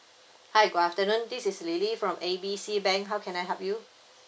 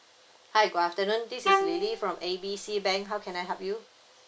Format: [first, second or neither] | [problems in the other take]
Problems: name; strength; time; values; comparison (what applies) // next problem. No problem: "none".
first | background sound (Bowed string instrument); 1 dB below the speech